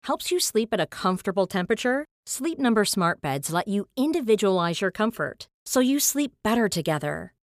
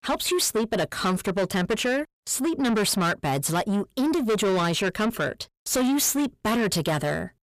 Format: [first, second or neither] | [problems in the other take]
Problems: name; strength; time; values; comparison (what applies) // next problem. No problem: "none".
first | distortion; heavy; 7 dB below the speech